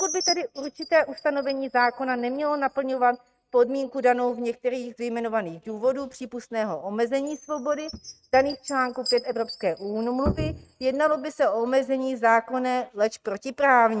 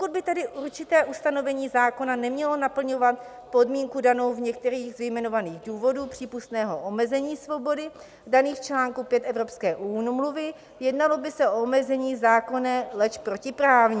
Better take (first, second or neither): second